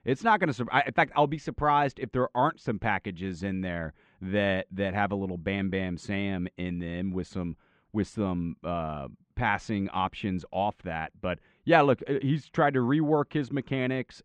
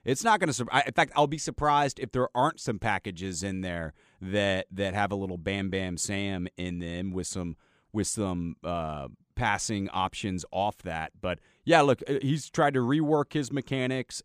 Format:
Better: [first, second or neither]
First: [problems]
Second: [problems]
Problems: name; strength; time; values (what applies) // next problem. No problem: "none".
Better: second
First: muffled; very; fading above 2.5 kHz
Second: none